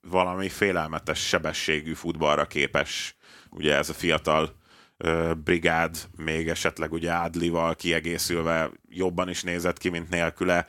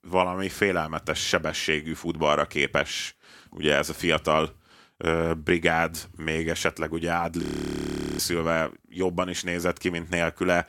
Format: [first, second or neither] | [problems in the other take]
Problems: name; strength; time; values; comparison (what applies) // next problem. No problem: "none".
first | audio freezing; at 7.5 s for 1 s